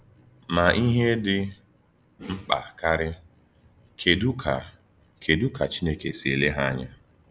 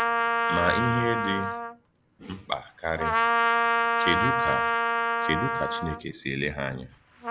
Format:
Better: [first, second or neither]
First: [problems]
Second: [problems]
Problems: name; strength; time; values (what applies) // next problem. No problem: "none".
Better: first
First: none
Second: background sound (Trumpet); 5 dB above the speech